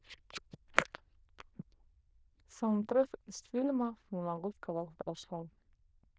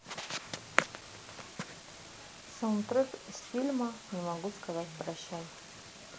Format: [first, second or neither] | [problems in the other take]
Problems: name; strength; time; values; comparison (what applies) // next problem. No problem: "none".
second | noise reduction (neural diffusion model UNIVERSE++)